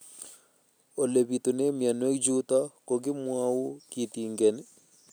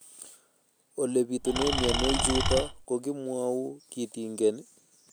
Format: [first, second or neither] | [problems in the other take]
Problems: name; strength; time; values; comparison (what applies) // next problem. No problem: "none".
first | background sound (Engine / Tools); 2 dB above the speech